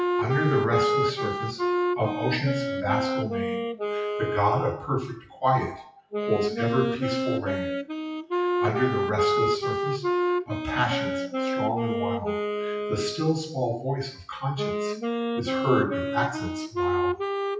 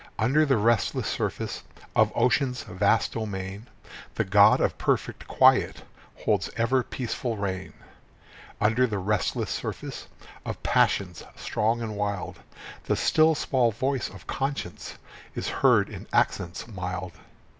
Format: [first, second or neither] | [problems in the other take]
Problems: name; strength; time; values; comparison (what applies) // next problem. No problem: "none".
second | noise reduction (classical method WPE with log-MMSE)